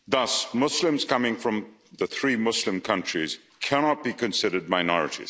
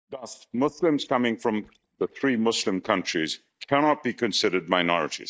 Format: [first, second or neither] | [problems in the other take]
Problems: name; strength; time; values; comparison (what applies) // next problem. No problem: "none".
first | noise reduction (neural mask model DeepFilterNet 3)